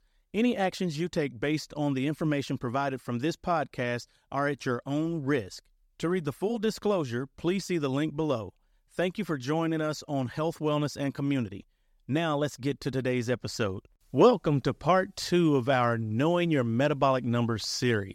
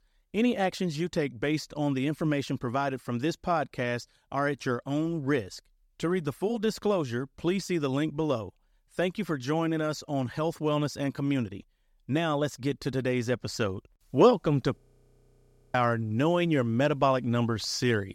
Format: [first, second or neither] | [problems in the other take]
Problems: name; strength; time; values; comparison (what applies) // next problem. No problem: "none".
first | audio freezing; at 15 s for 1 s